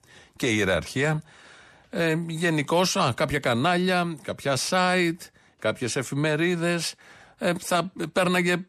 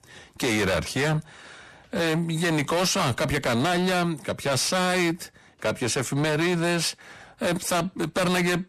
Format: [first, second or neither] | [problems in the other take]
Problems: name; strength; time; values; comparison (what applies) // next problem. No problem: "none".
first | distortion; heavy; 22% of the sound clipped